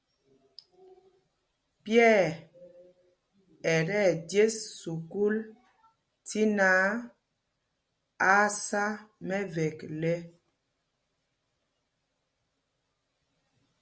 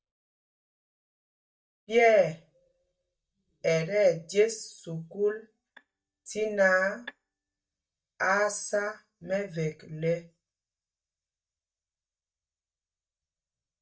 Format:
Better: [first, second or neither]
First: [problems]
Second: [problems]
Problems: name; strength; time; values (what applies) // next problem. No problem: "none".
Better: first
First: none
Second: noise reduction (neural mask model DeepFilterNet 3)